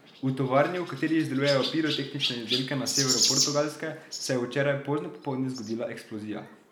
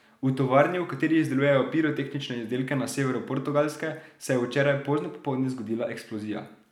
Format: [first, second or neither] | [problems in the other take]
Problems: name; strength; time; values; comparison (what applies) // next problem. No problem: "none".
second | background sound (Chirp, tweet); 4 dB below the speech